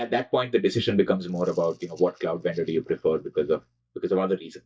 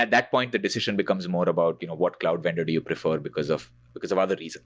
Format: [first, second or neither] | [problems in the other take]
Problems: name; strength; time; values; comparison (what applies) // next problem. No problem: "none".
second | noise reduction (neural mask model DeepFilterNet 3)